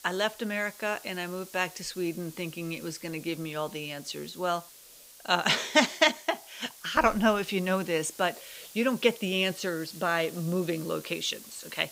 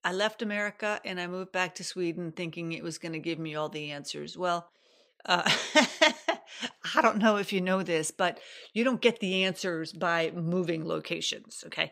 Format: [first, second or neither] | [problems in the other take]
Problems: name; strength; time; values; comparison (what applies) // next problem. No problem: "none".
second | hiss; noticeable; throughout; 15 dB below the speech